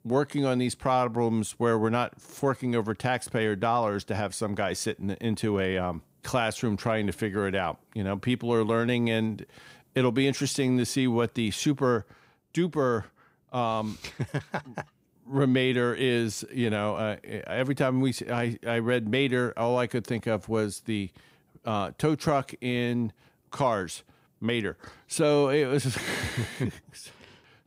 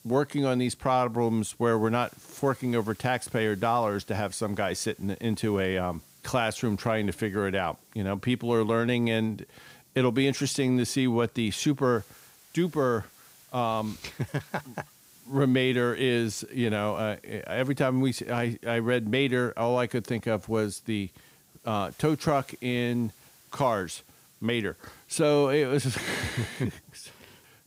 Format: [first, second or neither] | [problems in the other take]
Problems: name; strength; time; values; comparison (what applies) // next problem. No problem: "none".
first | hiss; faint; throughout; 25 dB below the speech